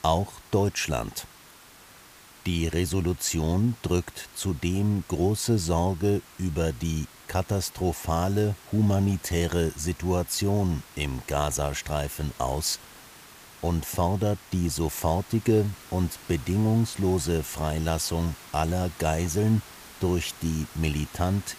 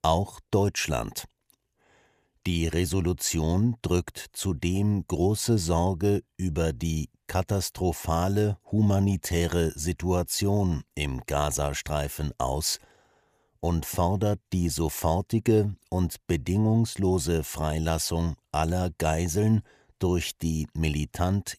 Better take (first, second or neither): second